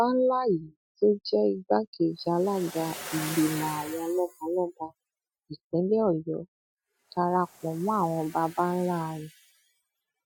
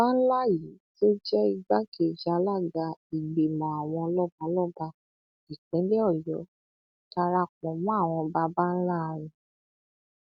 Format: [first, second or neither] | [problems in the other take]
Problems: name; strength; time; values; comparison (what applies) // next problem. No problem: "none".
second | noise reduction (classical method Wiener filter)